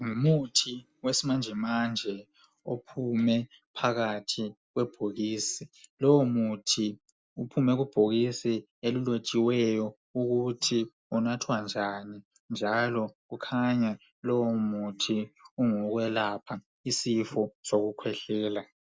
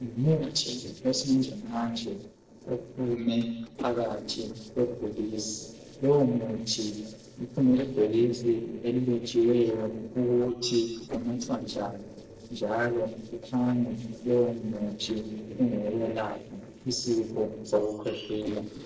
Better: first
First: none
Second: noise reduction (neural separator model SepFormer DNS4)

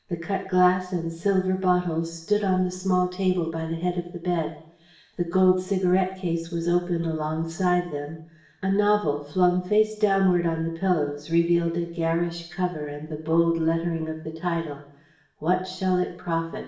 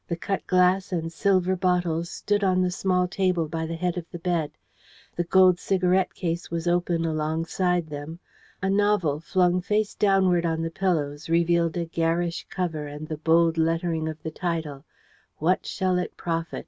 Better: second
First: room echo; dies away in 0.7 s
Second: none

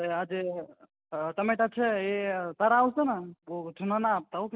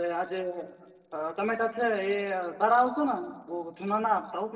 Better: first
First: none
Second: noise reduction (neural separator model SepFormer DNS4)

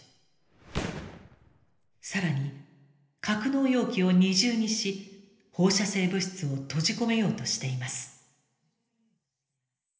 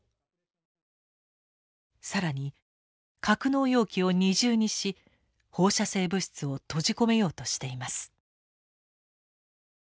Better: second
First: background sound (Fireworks); 11 dB below the speech // room echo; dies away in 0.8 s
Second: none

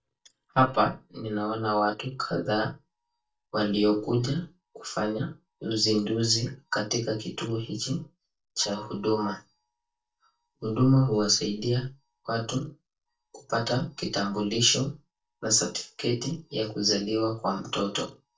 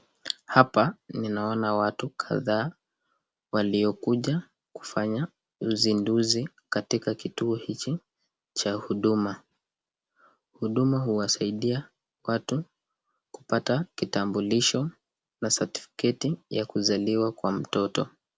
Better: second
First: noise reduction (neural mask model DeepFilterNet 3)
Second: none

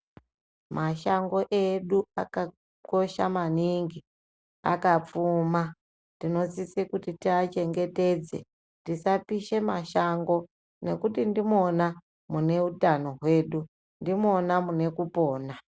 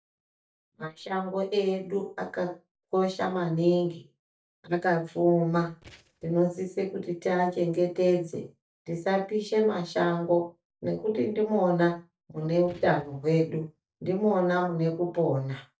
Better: first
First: none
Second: noise reduction (neural mask model DeepFilterNet 3)

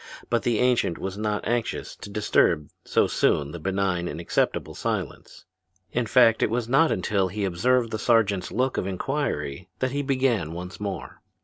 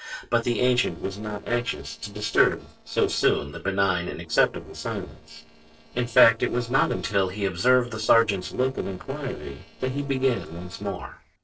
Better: first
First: none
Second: noise reduction (neural separator model SepFormer DNS4)

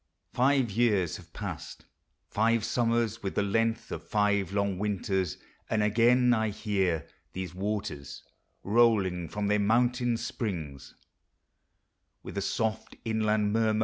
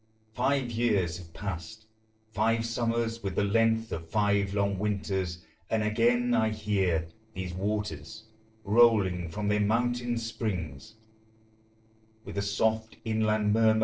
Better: first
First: none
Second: noise reduction (neural separator model SepFormer DNS4)

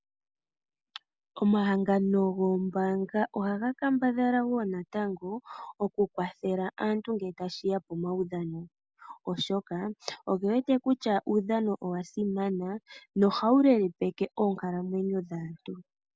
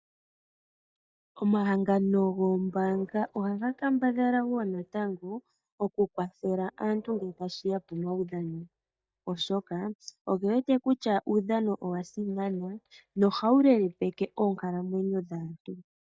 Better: first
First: none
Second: noise reduction (neural mask model DeepFilterNet 3)

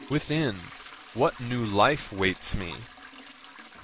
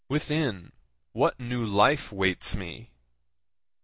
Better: second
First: background sound (Trickle, dribble / Toilet flush / Hiss); 18 dB below the speech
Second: none

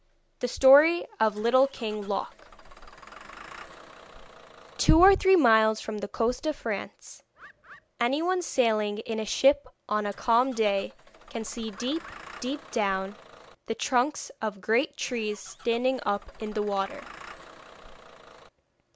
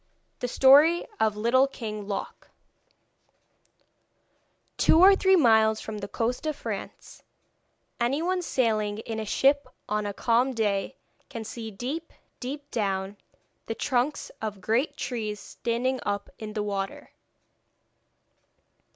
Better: second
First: background sound (Bird + Engine starting / Bus); 19 dB below the speech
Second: none

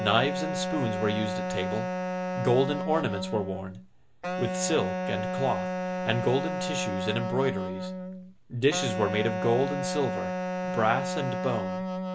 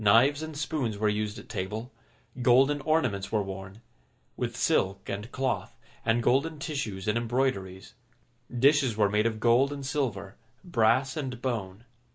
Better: second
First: background sound (Wind instrument, woodwind instrument); 2 dB below the speech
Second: none

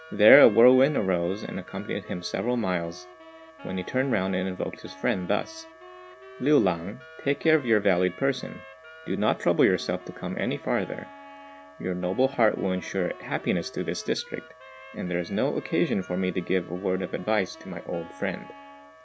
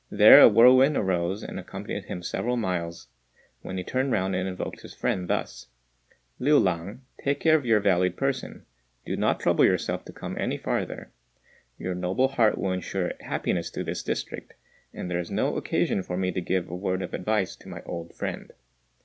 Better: second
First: background sound (Wind instrument, woodwind instrument + Wind instrument, woodwind instrument); 20 dB below the speech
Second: none

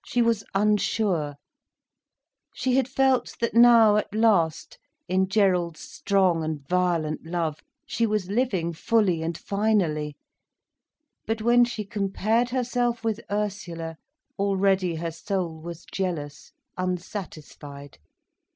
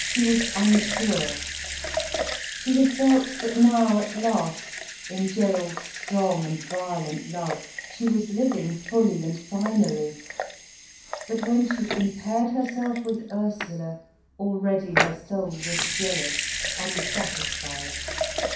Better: first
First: none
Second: background sound (Sink (filling or washing) / Water tap, faucet / Liquid); 6 dB below the speech // room echo; dies away in 0.6 s

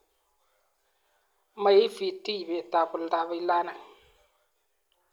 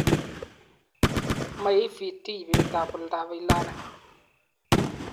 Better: first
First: none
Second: background sound (Gunshot, gunfire); 3 dB above the speech

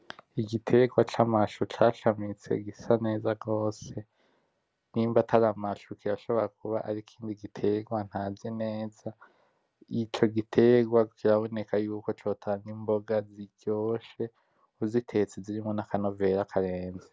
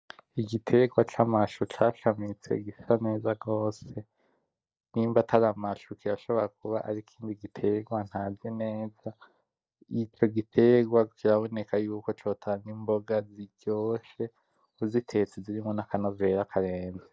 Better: first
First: none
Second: noise reduction (neural mask model DeepFilterNet 3)

